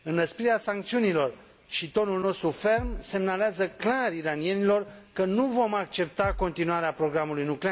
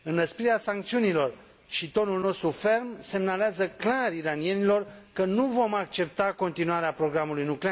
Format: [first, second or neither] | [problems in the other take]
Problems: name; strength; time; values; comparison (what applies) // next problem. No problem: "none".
second | background sound (Bass drum); 9 dB below the speech